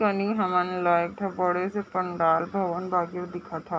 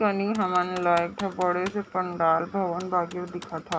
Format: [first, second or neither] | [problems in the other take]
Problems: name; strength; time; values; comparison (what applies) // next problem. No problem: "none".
first | background sound (Computer keyboard); 18 dB below the speech